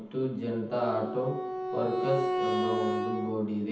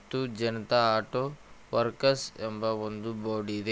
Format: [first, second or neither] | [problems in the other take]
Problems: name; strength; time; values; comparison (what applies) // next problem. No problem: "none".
second | background sound (Wind instrument, woodwind instrument); 1 dB below the speech // room echo; dies away in 0.8 s